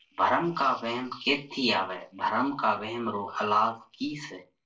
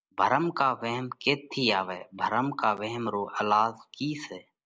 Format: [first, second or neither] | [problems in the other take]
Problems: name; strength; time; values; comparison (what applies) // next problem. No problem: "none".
second | noise reduction (neural separator model SepFormer DNS4)